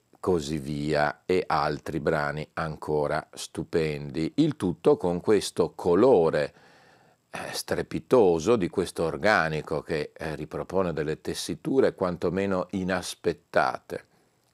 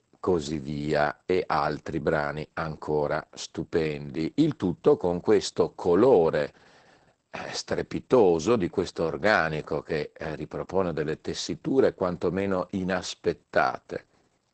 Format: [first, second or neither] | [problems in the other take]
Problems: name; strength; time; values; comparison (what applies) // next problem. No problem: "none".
first | garbled, watery; badly; nothing above 8 kHz